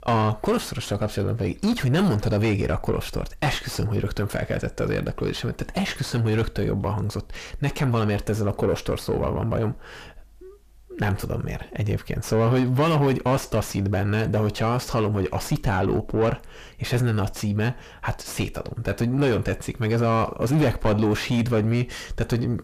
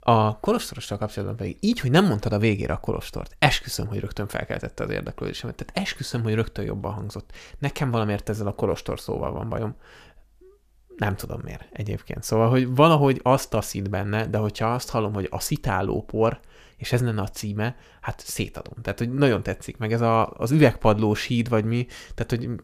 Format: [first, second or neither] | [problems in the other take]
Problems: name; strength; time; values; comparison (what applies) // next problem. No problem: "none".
second | distortion; heavy; 6 dB below the speech